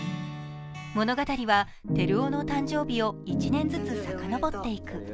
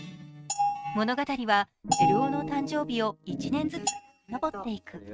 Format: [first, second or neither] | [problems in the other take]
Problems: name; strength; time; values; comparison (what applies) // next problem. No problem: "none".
first | noise reduction (neural mask model RNNoise)